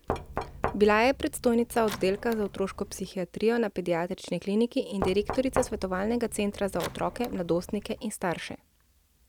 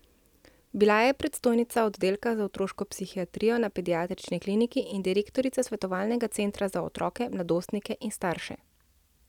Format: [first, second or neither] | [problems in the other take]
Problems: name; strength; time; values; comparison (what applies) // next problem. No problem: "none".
second | background sound (Knock); 9 dB below the speech